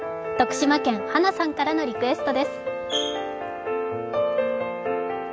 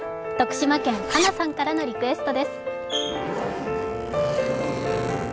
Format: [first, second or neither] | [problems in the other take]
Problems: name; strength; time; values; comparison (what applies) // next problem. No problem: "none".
first | background sound (Zipper (clothing)); 7 dB below the speech